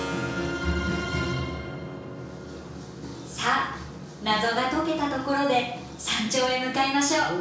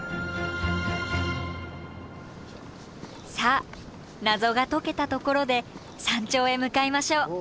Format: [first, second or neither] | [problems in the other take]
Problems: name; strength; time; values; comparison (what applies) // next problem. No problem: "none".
second | background sound (Keyboard (musical)); 15 dB below the speech // room echo; dies away in 0.6 s